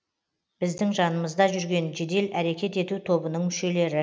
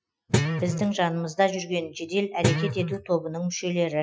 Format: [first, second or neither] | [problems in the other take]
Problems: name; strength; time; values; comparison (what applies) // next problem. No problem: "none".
first | noise reduction (classical method Wiener filter)